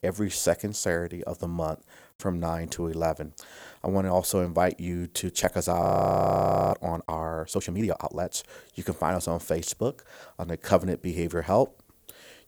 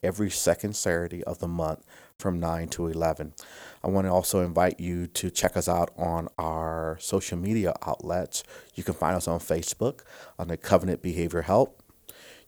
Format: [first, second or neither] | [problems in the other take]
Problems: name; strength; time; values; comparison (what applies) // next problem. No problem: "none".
second | audio freezing; at 6 s for 1 s